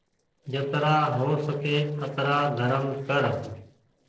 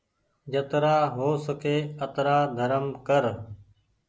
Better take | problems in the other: second | noise reduction (neural separator model SepFormer DNS4)

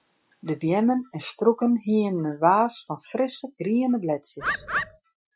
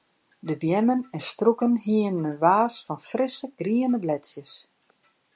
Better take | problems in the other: second | noise reduction (classical method Wiener filter)

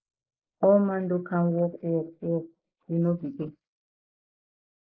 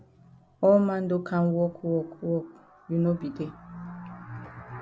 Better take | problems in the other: second | noise reduction (neural mask model Resemble Enhance denoiser)

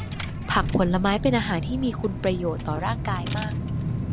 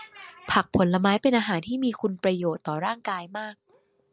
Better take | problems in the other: second | background sound (Engine / Car); 2 dB below the speech

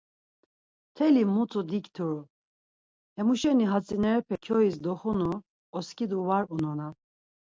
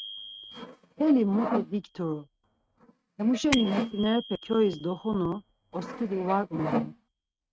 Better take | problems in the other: first | noise reduction (neural mask model RNNoise)

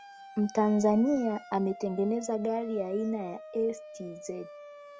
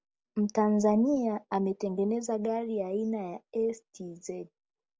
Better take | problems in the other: second | background sound (Siren); 17 dB below the speech

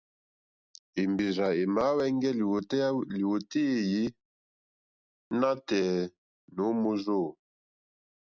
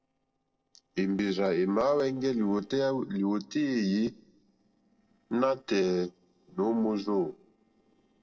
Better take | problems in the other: first | noise reduction (neural separator model SepFormer DNS4)

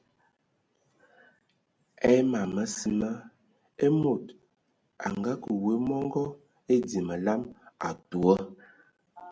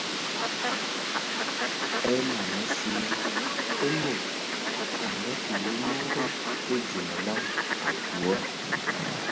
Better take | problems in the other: first | background sound (Fowl); 5 dB above the speech

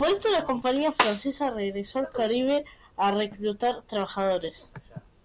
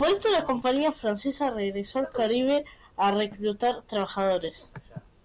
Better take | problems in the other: second | background sound (Snare drum); 2 dB below the speech

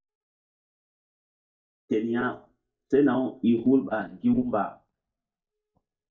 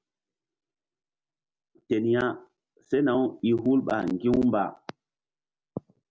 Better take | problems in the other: second | noise reduction (neural mask model DeepFilterNet 3)

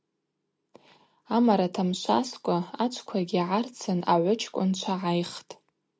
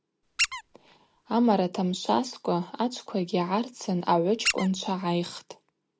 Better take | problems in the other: first | background sound (Squeak); 6 dB below the speech

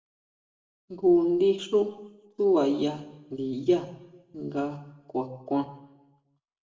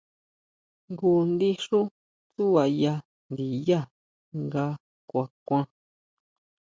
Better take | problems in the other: second | room echo; dies away in 0.8 s

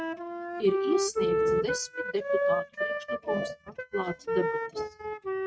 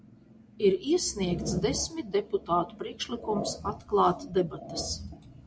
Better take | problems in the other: second | noise reduction (neural mask model RNNoise)

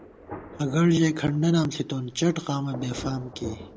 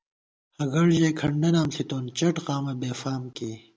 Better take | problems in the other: second | background sound (Thunder); 16 dB below the speech

